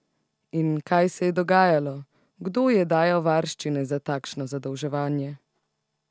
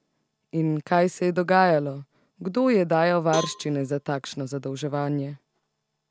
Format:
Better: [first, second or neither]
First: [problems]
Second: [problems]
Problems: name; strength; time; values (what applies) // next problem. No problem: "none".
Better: first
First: none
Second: background sound (Cowbell); 14 dB below the speech